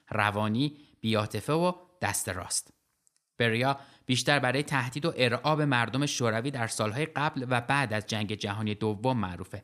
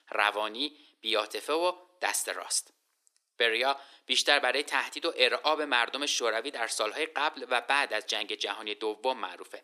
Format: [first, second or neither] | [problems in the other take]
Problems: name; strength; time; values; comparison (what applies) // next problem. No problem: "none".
first | thin; very; fading below 350 Hz